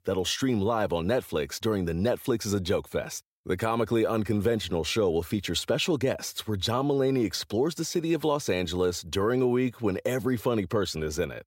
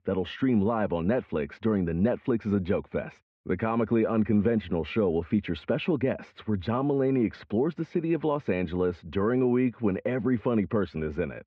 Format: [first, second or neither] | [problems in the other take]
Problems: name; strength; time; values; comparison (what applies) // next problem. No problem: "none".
first | muffled; very; fading above 2.5 kHz